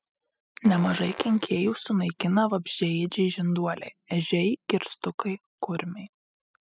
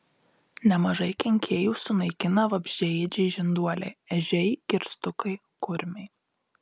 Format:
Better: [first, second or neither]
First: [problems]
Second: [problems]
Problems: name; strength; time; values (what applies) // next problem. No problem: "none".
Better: second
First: noise reduction (classical method spectral subtraction)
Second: none